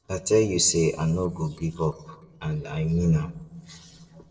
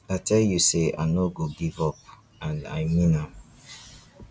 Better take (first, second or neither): second